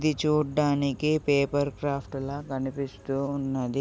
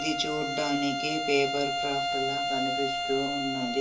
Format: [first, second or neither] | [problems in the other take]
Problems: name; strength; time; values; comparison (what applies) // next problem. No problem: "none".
first | background sound (Bowed string instrument); as loud as the speech // room echo; dies away in 0.3 s